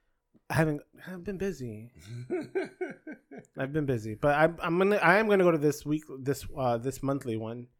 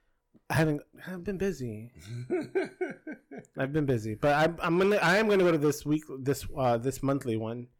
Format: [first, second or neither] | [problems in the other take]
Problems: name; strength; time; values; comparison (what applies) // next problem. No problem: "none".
first | distortion; slight; 5% of the sound clipped